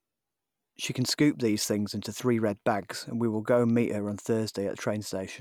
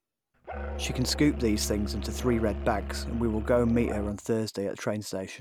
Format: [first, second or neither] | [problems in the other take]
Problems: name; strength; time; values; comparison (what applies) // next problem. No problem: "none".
first | background sound (Musical instrument); 6 dB below the speech